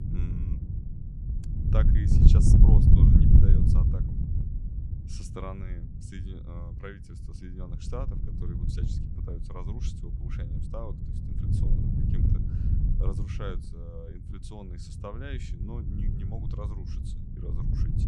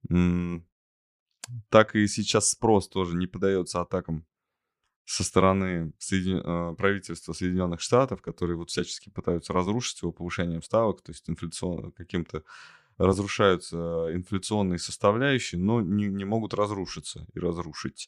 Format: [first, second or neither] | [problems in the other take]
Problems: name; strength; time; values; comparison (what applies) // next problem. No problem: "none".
second | wind noise on the microphone; heavy; 4 dB above the speech